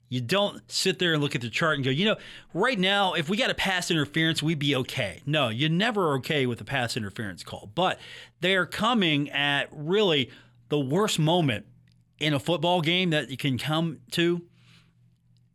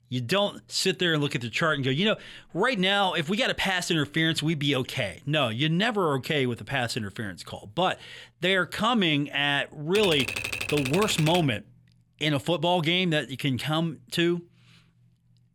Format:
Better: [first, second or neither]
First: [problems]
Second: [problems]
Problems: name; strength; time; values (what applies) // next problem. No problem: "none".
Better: first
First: none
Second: keyboard typing; noticeable; from 10 to 11 s; peak 3 dB below the speech